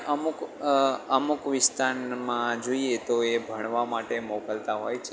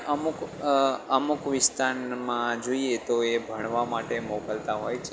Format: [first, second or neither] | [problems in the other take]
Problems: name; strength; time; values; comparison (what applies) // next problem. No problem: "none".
first | background sound (Tools); 18 dB below the speech